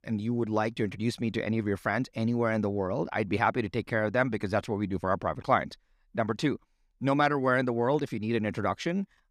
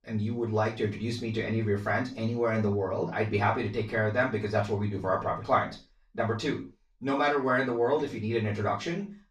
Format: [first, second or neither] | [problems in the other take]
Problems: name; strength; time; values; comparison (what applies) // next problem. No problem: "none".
first | room echo; slight; dies away in 0.3 s // off-mic speech; far